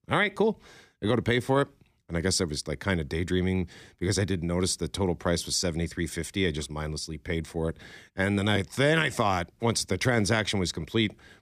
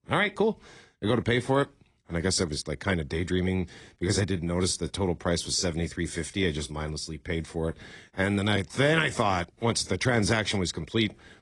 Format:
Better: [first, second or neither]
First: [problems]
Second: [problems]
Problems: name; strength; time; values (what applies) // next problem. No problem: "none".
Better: first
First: none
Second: garbled, watery; slightly